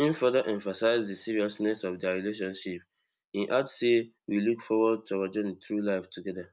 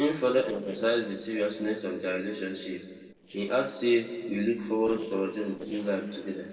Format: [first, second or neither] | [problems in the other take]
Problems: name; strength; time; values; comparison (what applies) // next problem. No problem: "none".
first | noise reduction (neural separator model SepFormer DNS4)